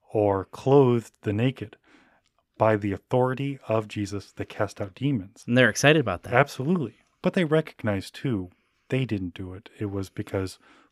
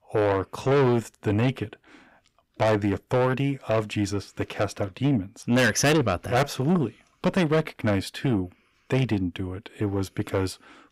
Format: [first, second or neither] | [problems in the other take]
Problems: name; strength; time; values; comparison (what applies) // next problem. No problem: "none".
first | distortion; heavy; 6 dB below the speech